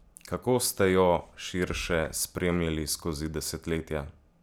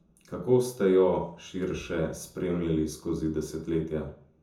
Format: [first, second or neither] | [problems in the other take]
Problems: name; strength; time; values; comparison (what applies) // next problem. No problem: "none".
first | room echo; dies away in 0.5 s